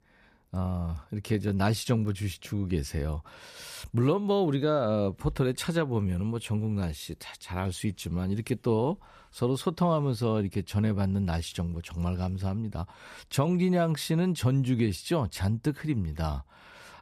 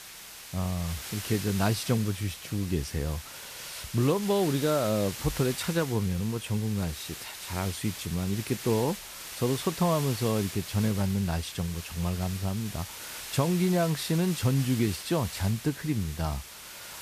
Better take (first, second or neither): first